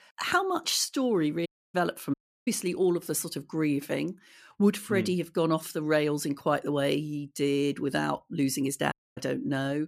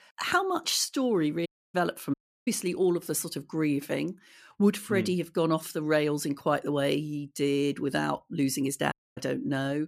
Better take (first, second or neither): neither